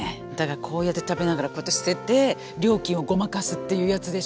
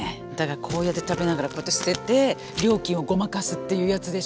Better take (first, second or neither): first